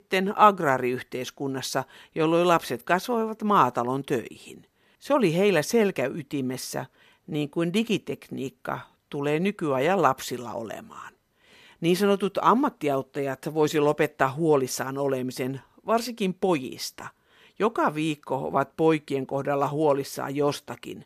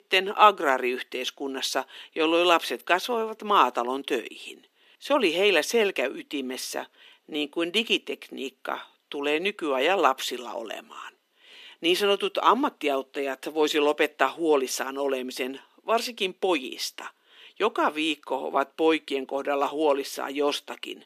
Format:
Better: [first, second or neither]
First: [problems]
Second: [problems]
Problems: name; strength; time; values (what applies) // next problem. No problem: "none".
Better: first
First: none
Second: thin; very slightly; fading below 250 Hz